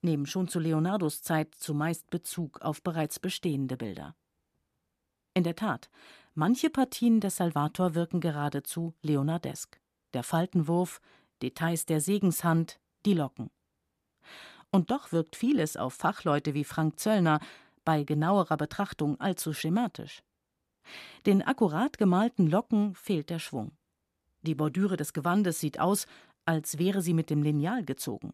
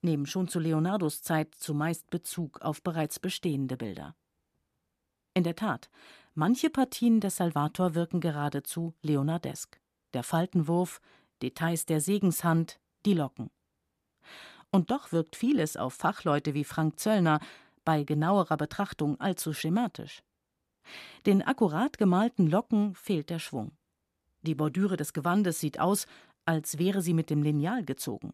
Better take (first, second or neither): neither